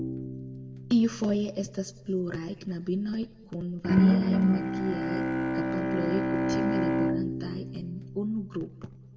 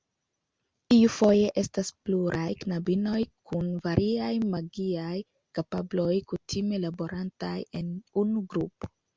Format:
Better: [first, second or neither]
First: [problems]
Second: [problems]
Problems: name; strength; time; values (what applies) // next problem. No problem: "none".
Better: second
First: background sound (Bowed string instrument); 2 dB above the speech // room echo; dies away in 1 s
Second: none